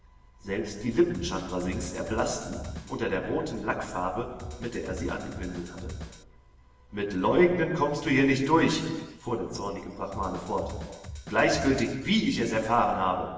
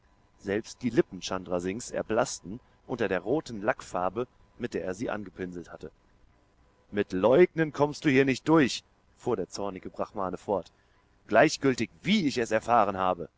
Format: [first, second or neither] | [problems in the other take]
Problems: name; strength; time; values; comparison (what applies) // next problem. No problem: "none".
second | background sound (Drum kit); 12 dB below the speech // room echo; dies away in 1.3 s